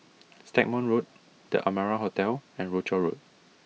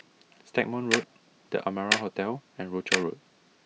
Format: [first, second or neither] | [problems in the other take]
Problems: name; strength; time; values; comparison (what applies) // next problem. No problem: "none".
first | background sound (Tick-tock); 2 dB below the speech